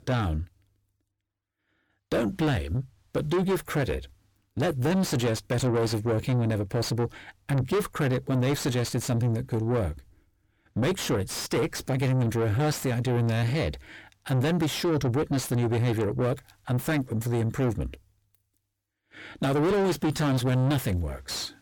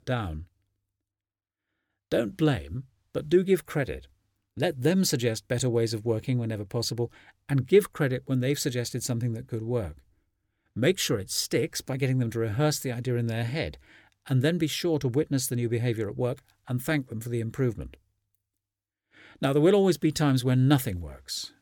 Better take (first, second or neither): second